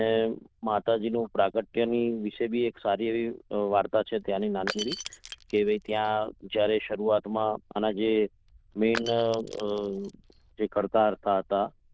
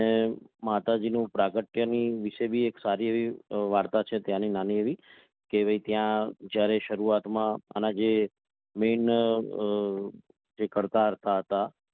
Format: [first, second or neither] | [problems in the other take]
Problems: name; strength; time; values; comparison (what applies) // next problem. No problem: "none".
second | noise reduction (neural diffusion model UNIVERSE++)